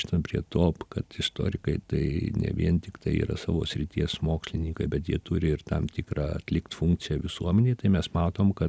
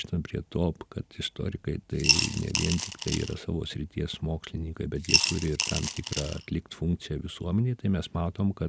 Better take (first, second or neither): first